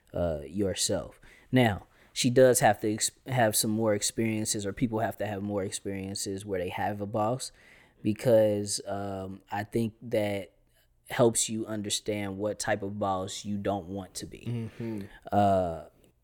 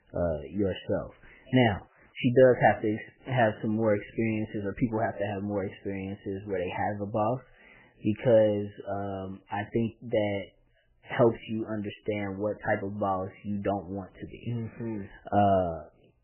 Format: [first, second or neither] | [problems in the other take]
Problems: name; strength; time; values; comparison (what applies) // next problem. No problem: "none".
first | garbled, watery; badly; nothing above 3 kHz